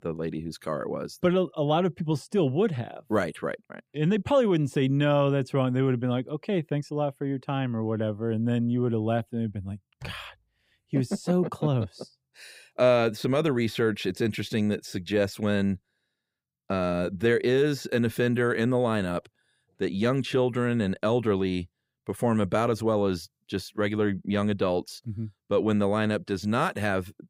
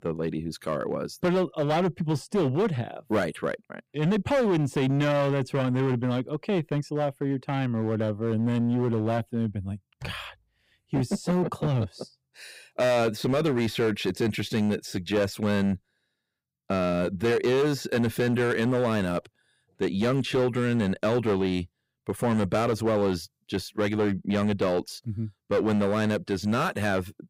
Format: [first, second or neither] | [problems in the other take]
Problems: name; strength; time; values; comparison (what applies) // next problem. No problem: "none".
first | distortion; slight; 11% of the sound clipped